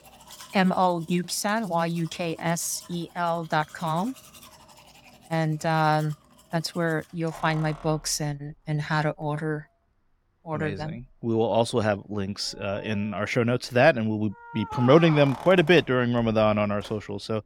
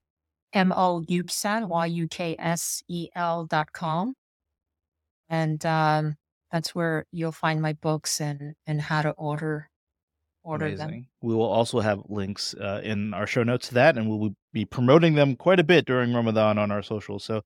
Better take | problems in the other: second | household noises; noticeable; throughout; 20 dB below the speech

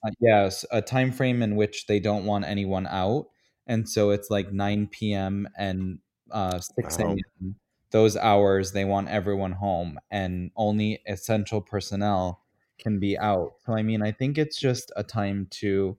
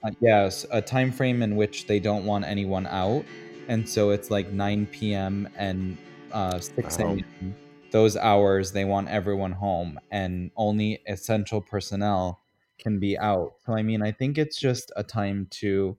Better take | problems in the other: first | background music; faint; throughout; 20 dB below the speech

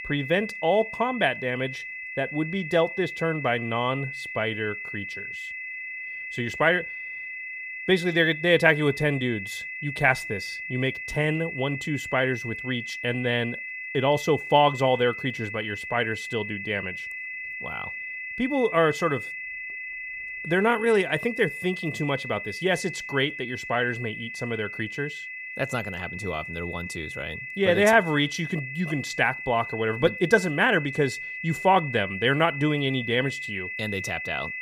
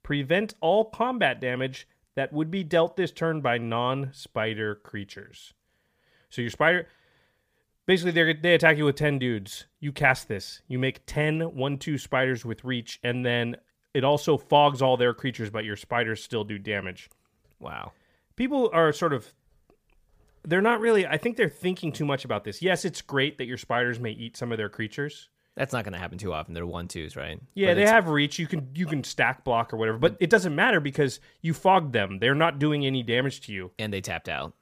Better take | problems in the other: second | high-pitched whine; loud; throughout; 2 kHz, 8 dB below the speech

